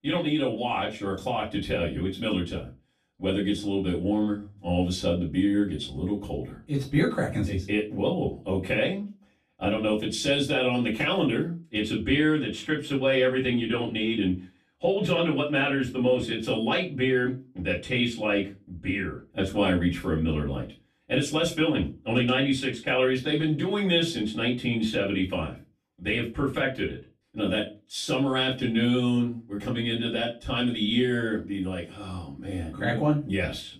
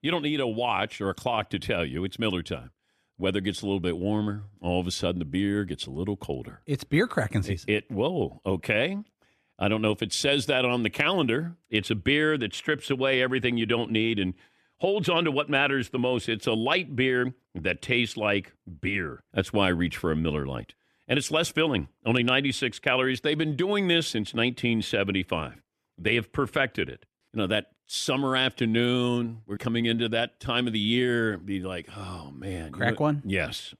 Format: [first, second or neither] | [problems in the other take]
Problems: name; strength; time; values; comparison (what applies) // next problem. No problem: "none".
second | off-mic speech; far // room echo; slight; dies away in 0.2 s